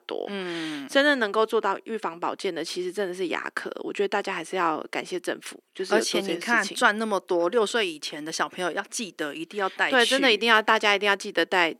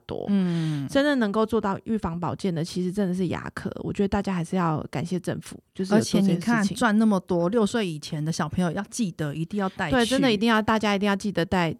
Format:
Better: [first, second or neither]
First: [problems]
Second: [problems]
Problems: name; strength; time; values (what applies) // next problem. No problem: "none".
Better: second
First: thin; somewhat; fading below 350 Hz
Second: none